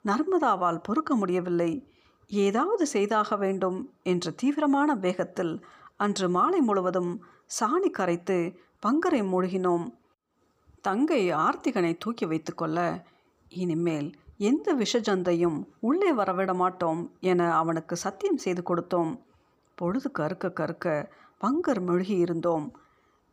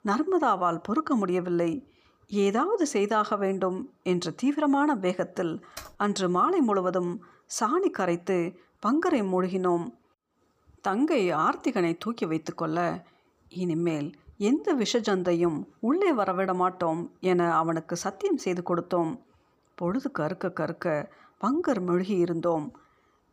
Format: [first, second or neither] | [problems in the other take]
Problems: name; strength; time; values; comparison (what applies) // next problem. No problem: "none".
first | keyboard typing; faint; at 6 s; peak 15 dB below the speech